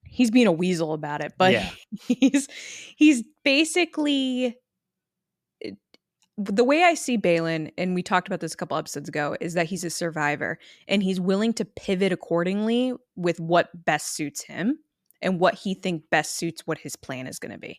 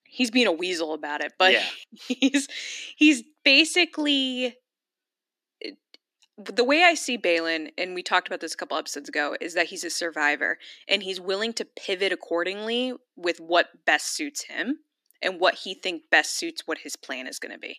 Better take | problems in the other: first | thin; very slightly; fading below 250 Hz

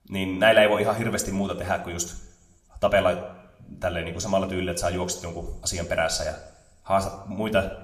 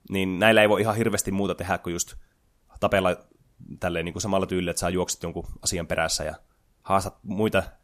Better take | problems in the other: second | room echo; very slight; dies away in 0.6 s

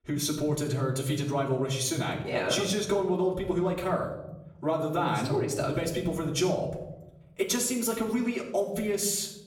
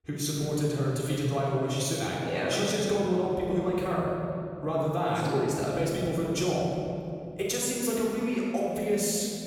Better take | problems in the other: first | room echo; strong; dies away in 2.8 s; slight in the first // off-mic speech; far; far in the first

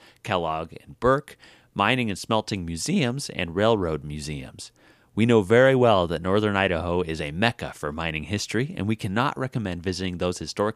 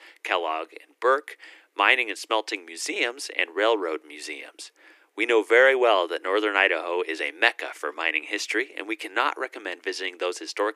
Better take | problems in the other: first | thin; very; fading below 300 Hz

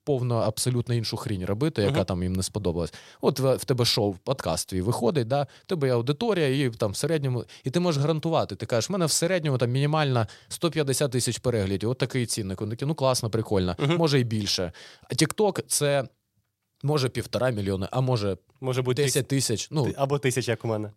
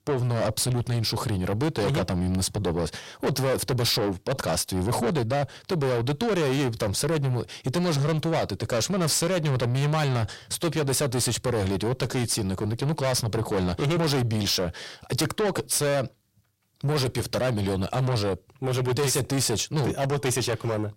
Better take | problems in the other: first | distortion; heavy; 6 dB below the speech

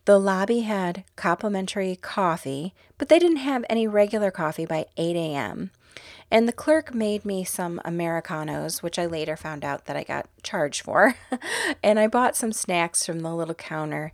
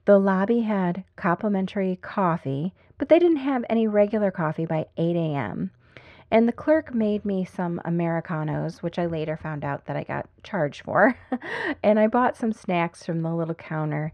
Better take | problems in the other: first | muffled; very; fading above 2 kHz

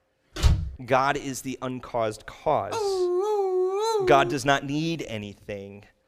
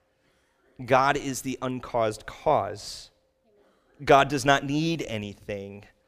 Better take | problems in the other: second | door banging; loud; at 0.5 s; peak 2 dB above the speech // dog barking; loud; from 2.5 to 4.5 s; peak 2 dB above the speech

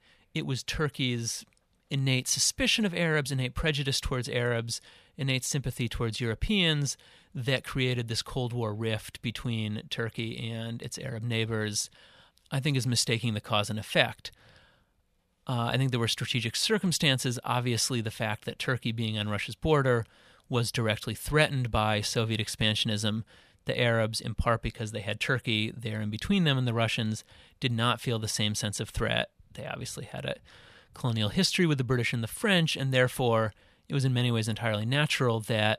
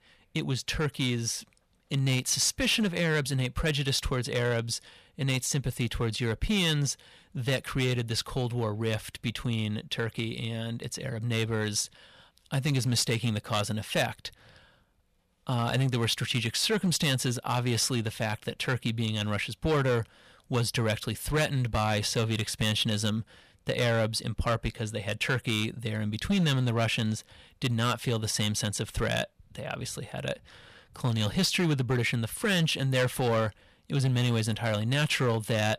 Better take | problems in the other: first | distortion; slight; 6% of the sound clipped

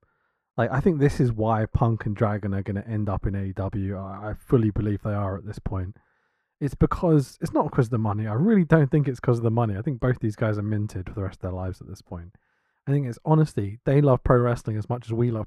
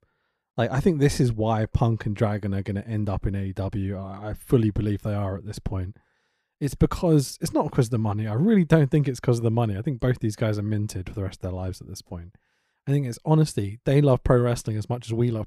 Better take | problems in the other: second | muffled; slightly; fading above 2.5 kHz

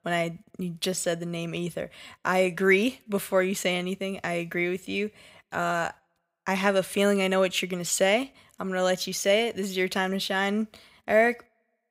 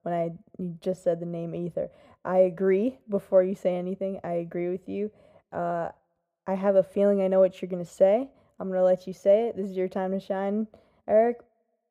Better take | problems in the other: first | muffled; very; fading above 1.5 kHz

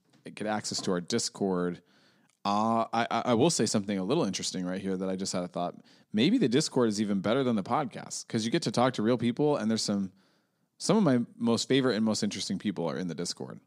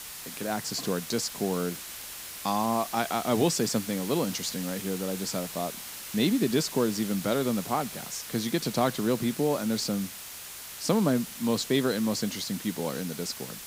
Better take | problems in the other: first | hiss; loud; throughout; 9 dB below the speech

